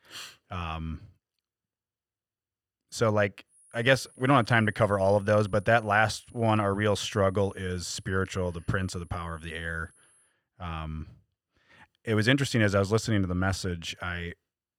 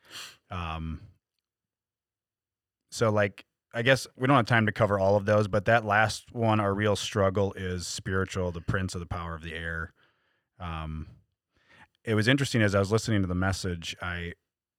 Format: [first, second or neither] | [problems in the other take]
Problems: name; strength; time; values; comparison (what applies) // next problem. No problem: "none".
second | high-pitched whine; faint; from 3.5 to 10 s; 10.5 kHz, 30 dB below the speech